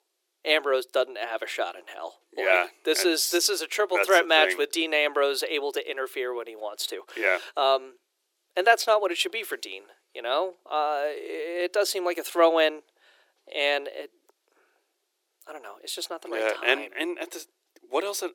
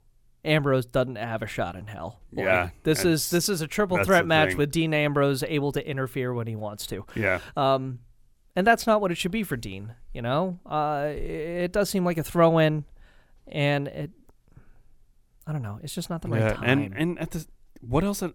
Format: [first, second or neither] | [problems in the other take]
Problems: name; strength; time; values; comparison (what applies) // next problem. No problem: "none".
second | thin; very; fading below 350 Hz